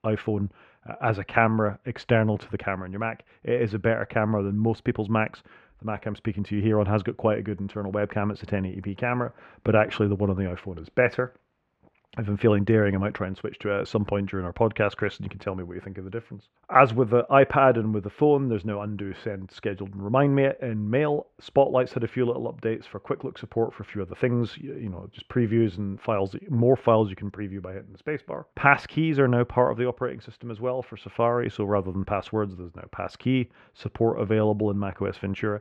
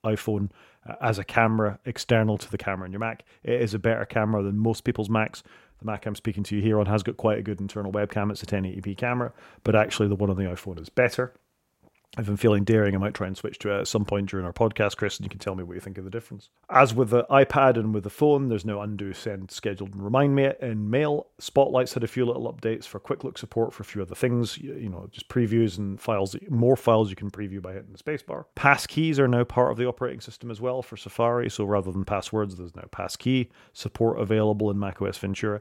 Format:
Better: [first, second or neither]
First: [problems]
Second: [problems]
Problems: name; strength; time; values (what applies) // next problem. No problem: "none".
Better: second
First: muffled; slightly; fading above 2 kHz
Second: none